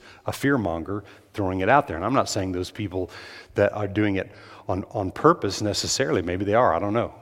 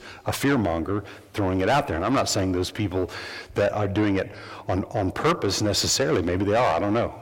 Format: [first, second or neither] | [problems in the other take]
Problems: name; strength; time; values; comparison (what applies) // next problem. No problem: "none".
first | distortion; heavy; 6 dB below the speech